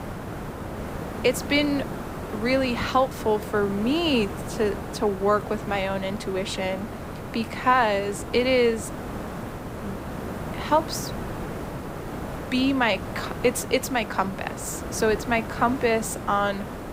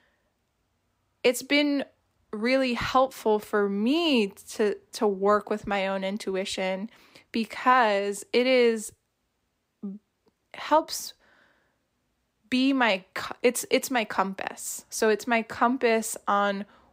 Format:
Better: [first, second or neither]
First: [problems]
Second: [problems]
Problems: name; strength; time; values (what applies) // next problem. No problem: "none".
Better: second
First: hiss; loud; throughout; 9 dB below the speech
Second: none